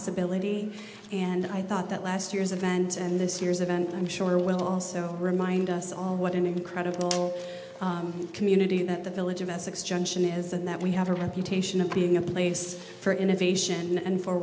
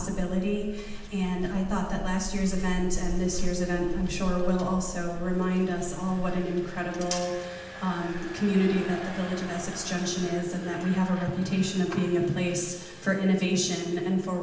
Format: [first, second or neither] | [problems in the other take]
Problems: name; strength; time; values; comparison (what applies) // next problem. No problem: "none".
first | background sound (Engine); 7 dB below the speech // room echo; dies away in 0.8 s